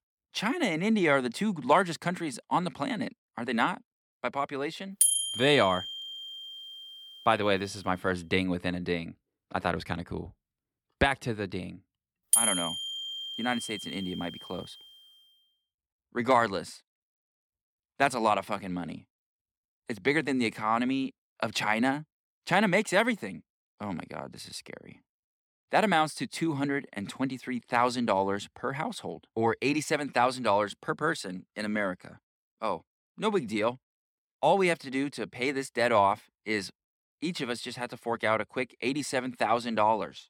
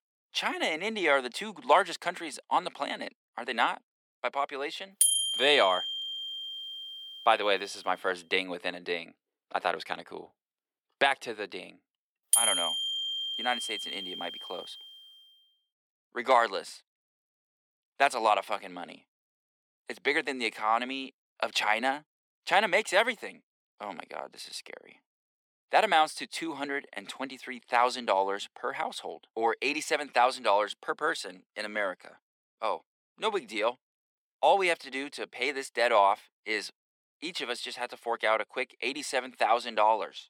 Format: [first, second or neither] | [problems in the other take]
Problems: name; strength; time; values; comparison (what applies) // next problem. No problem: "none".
first | thin; somewhat; fading below 500 Hz